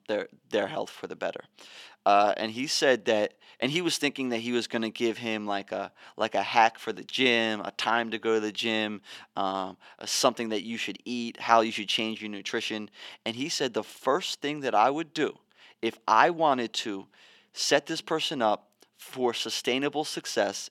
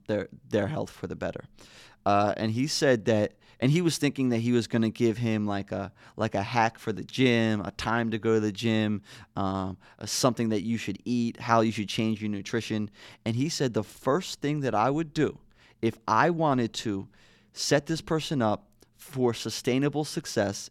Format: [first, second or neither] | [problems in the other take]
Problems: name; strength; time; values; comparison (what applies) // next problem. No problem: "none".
second | thin; somewhat; fading below 300 Hz